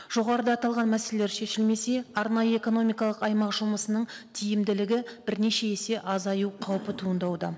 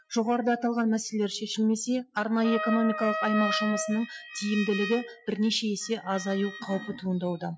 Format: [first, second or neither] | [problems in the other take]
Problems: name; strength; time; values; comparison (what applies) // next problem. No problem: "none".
first | noise reduction (classical method Wiener filter)